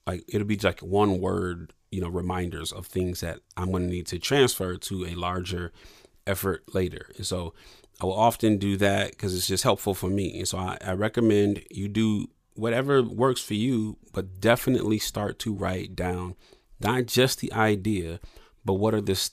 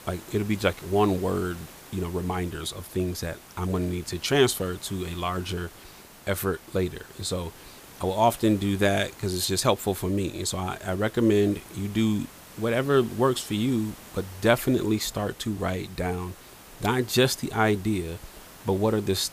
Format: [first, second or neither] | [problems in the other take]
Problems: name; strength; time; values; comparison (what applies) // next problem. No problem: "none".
first | hiss; noticeable; throughout; 20 dB below the speech